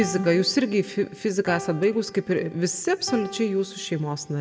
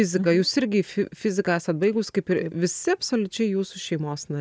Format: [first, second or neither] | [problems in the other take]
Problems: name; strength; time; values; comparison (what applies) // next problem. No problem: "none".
second | background sound (Piano); 15 dB below the speech // room echo; dies away in 1.1 s